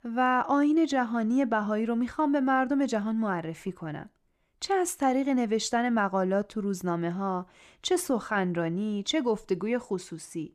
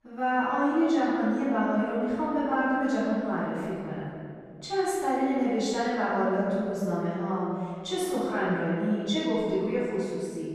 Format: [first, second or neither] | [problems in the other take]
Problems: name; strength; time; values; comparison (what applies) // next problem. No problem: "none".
first | off-mic speech; far // room echo; strong; dies away in 2.2 s